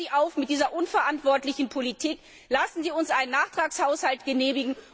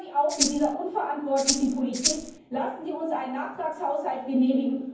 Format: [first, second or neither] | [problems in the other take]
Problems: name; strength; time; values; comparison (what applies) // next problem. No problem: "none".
first | background sound (Rattle (instrument)); 1 dB below the speech // room echo; dies away in 0.9 s